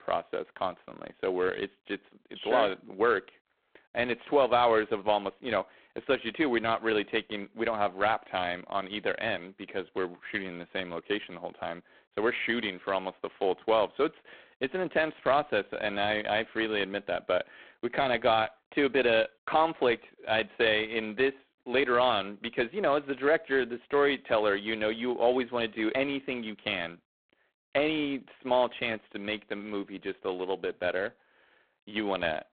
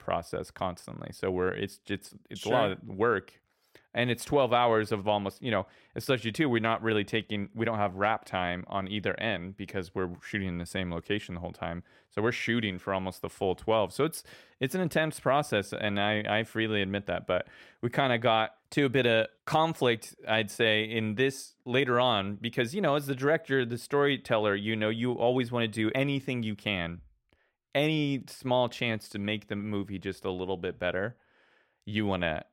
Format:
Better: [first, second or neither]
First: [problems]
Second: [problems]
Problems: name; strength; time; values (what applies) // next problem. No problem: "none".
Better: second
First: phone-call audio; poor line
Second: none